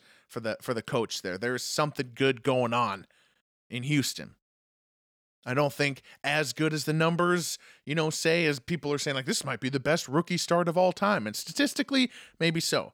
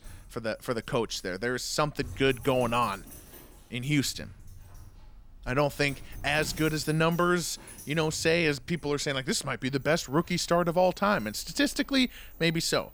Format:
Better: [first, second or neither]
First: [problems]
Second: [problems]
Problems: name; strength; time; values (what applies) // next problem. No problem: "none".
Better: first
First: none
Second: animal sounds; faint; throughout; 20 dB below the speech